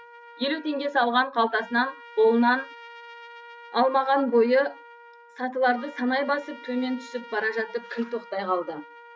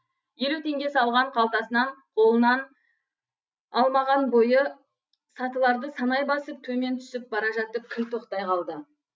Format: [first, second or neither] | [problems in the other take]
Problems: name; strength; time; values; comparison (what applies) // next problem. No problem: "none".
second | background sound (Trumpet); 20 dB below the speech